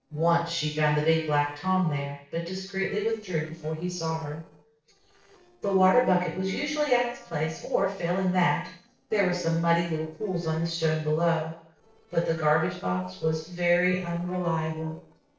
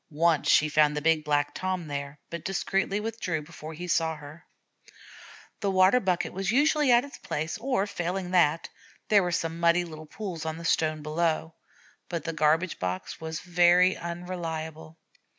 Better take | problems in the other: second | noise reduction (neural separator model SepFormer DNS4)

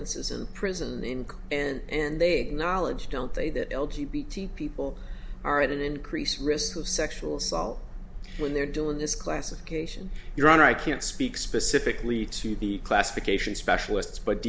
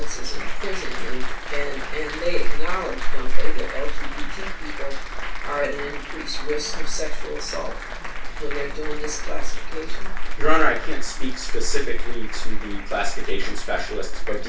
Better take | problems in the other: first | background sound (Applause); 19 dB below the speech // room echo; dies away in 0.2 s

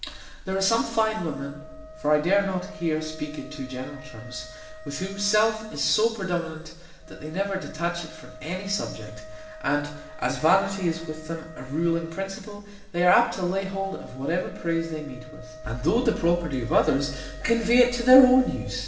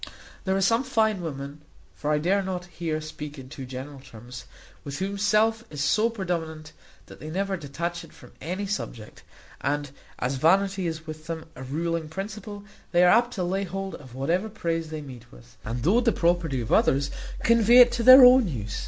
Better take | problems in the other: second | background sound (Wind instrument, woodwind instrument); 19 dB below the speech // room echo; dies away in 1 s

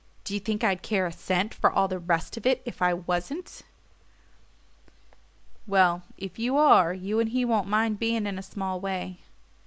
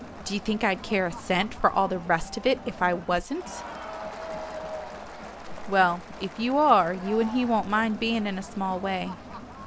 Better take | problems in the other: first | background sound (Crowd); 13 dB below the speech

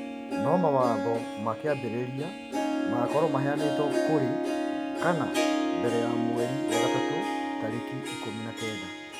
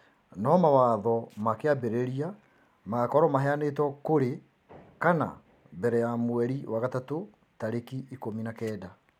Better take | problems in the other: second | background sound (Harp); 1 dB above the speech

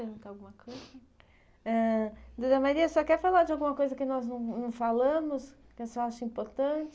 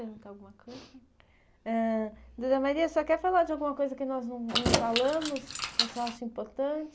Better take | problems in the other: first | background sound (Keys jangling); 1 dB below the speech

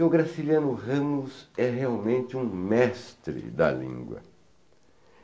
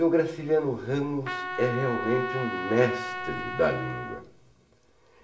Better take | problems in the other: first | background sound (Trumpet); 7 dB below the speech // room echo; dies away in 1.4 s

